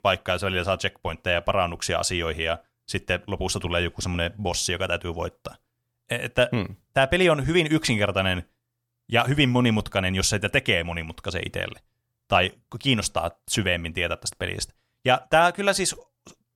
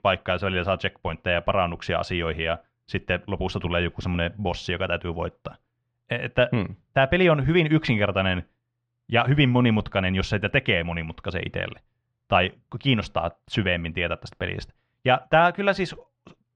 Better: first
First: none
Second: muffled; slightly; fading above 3 kHz

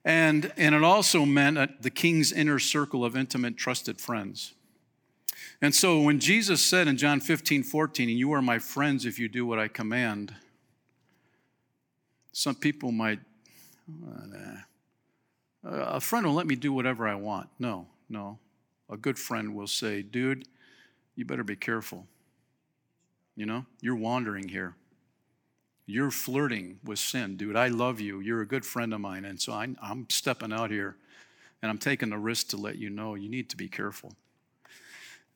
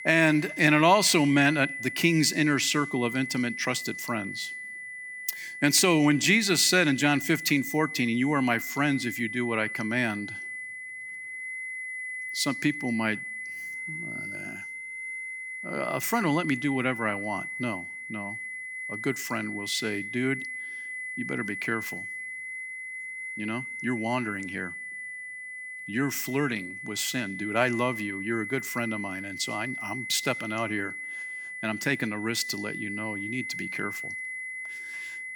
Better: first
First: none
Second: high-pitched whine; loud; throughout; 2 kHz, 8 dB below the speech

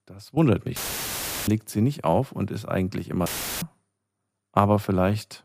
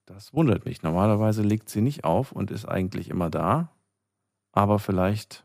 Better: second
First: audio cutting out; filled with static; at 1 s for 0.5 s and at 3.5 s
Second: none

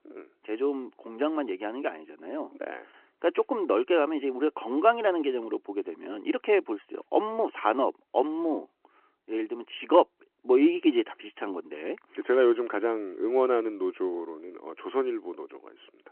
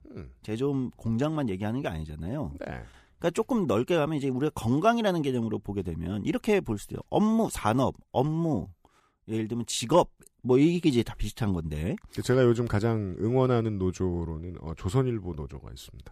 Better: second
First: phone-call audio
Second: none

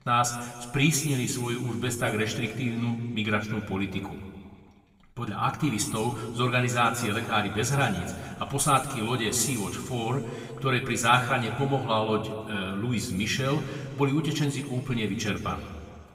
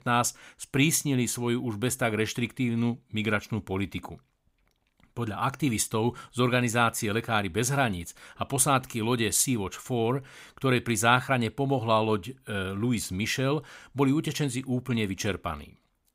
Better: second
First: room echo; noticeable; dies away in 1.7 s // off-mic speech; far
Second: none

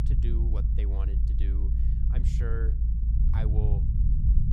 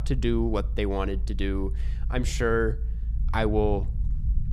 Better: second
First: low rumble; loud; throughout; as loud as the speech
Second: low rumble; faint; throughout; 20 dB below the speech

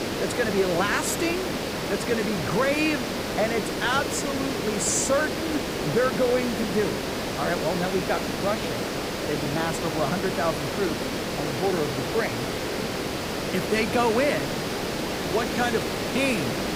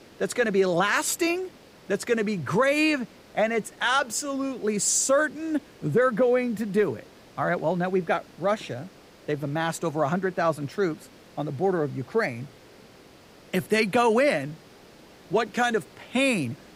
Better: second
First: hiss; loud; throughout; 1 dB below the speech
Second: hiss; faint; throughout; 25 dB below the speech

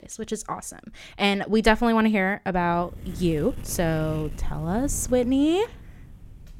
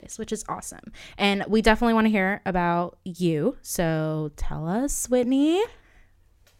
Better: second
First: wind noise on the microphone; occasional gusts; from 2.5 s on; 25 dB below the speech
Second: none

